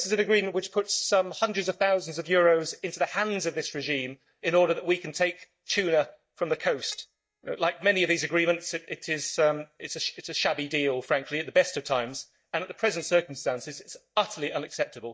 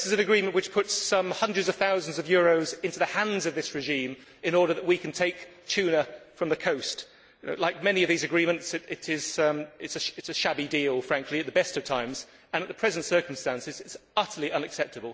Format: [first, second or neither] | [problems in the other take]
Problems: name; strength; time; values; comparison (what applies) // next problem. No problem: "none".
second | noise reduction (neural mask model DeepFilterNet 3)